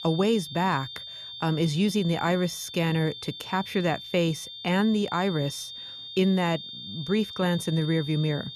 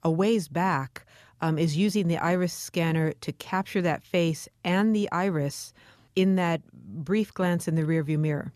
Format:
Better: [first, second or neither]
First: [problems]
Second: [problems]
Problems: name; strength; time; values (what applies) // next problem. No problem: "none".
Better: second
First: high-pitched whine; noticeable; throughout; 3.5 kHz, 10 dB below the speech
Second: none